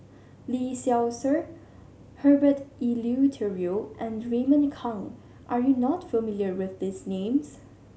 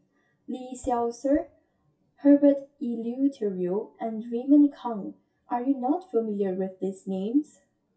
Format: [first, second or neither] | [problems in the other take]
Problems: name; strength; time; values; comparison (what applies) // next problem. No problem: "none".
first | noise reduction (classical method WPE with log-MMSE)